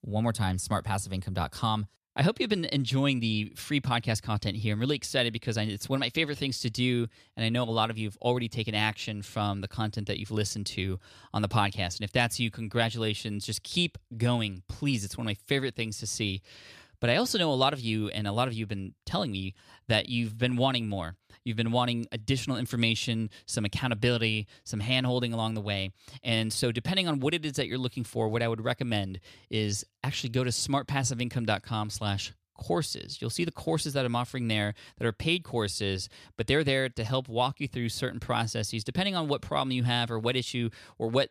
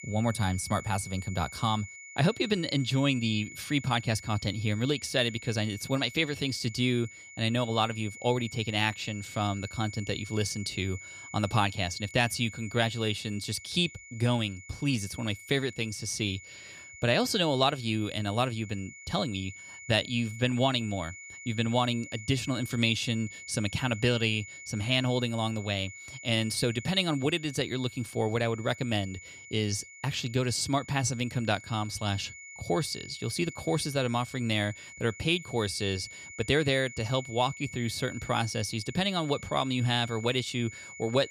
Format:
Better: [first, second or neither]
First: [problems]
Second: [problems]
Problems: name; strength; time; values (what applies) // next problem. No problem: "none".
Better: first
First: none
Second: high-pitched whine; noticeable; throughout; 2 kHz, 15 dB below the speech